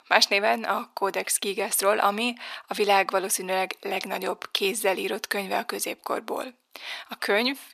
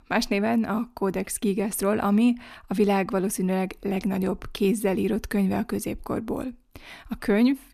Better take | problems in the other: second | thin; very; fading below 650 Hz

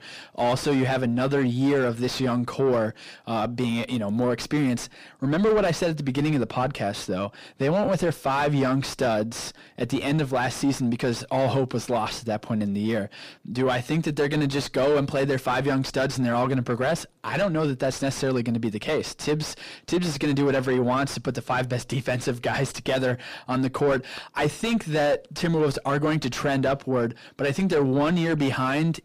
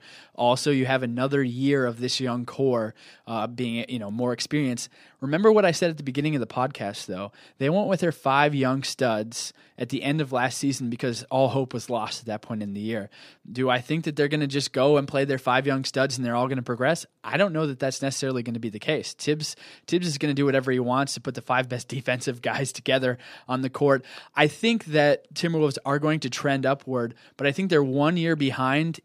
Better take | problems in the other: second | distortion; heavy; 5 dB below the speech

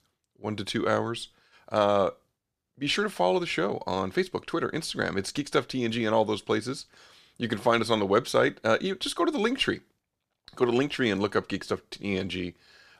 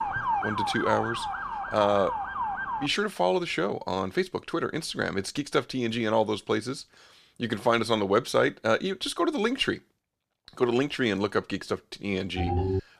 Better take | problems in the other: first | siren; noticeable; until 3 s; peak level with the speech // phone ringing; loud; at 12 s; peak level with the speech

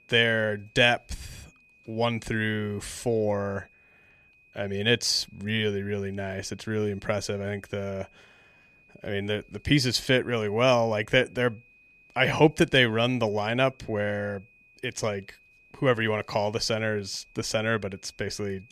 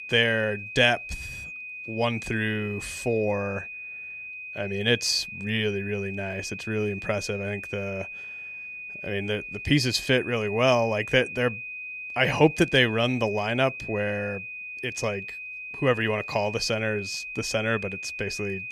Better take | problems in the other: first | high-pitched whine; loud; throughout; 2.5 kHz, 9 dB below the speech; faint in the first

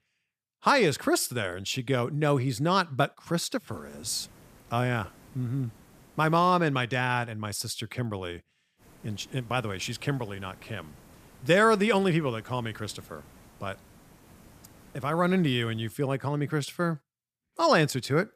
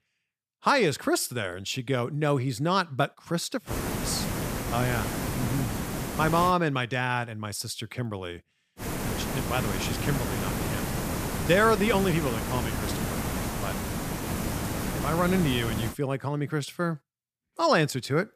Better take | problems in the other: first | hiss; loud; from 3.5 to 6.5 s and from 9 to 16 s; 3 dB below the speech; faint in the first

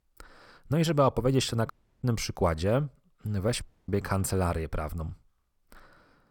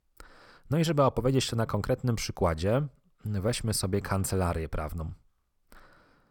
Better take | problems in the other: second | audio cutting out; at 1.5 s and at 3.5 s

